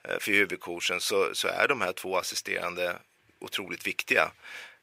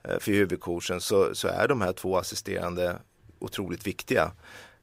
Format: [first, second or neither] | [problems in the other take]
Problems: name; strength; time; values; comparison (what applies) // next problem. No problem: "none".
second | thin; somewhat; fading below 1 kHz